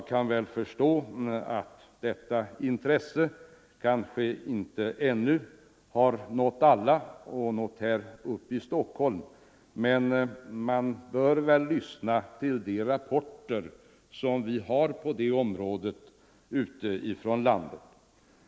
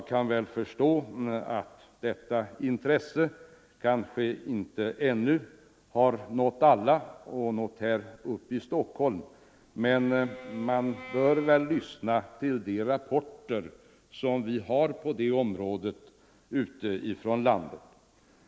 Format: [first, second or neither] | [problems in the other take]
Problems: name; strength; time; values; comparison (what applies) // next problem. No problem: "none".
first | background sound (Bowed string instrument); 18 dB below the speech